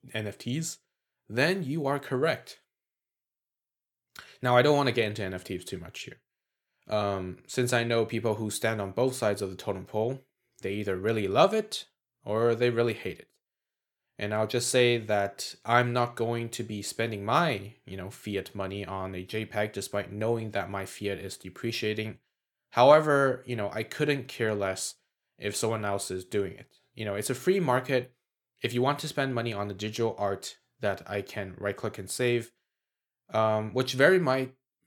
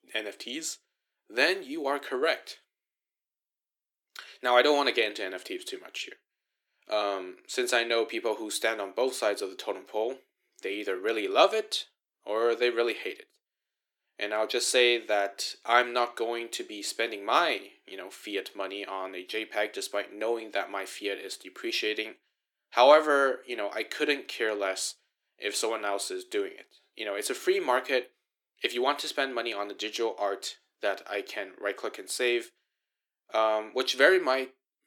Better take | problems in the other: first | thin; somewhat; fading below 300 Hz

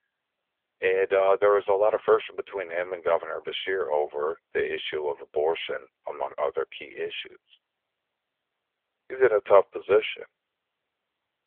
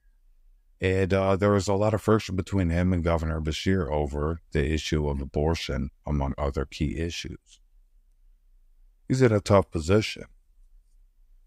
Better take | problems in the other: second | phone-call audio; nothing above 3.5 kHz

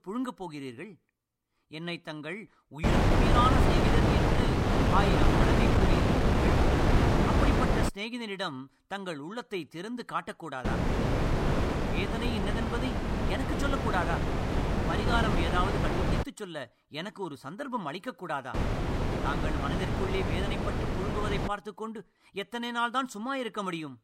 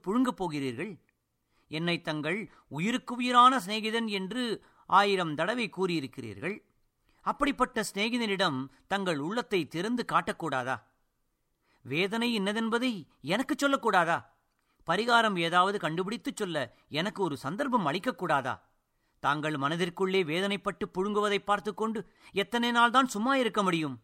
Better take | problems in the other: second | wind noise on the microphone; heavy; from 3 to 8 s, from 11 to 16 s and from 19 to 21 s; 3 dB above the speech

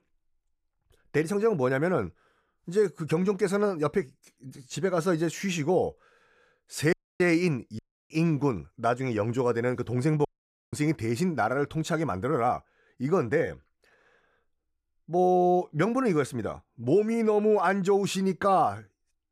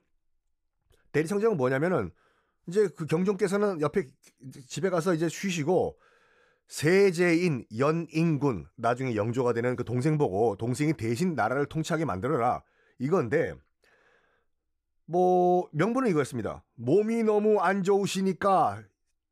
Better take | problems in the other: second | audio cutting out; at 7 s, at 8 s and at 10 s

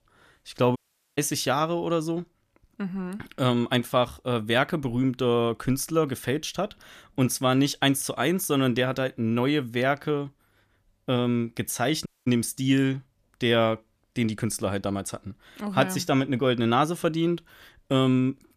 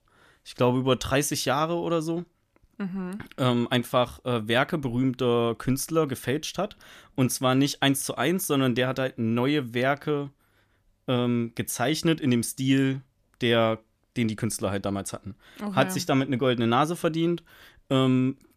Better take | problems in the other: second | audio cutting out; at 1 s and at 12 s

